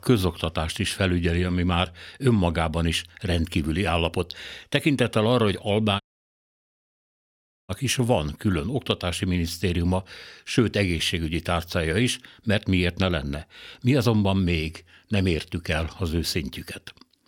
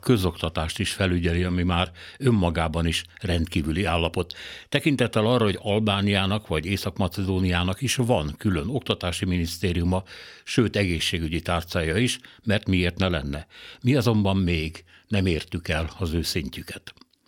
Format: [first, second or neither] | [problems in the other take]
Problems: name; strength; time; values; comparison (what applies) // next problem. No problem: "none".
second | audio cutting out; at 6 s for 1.5 s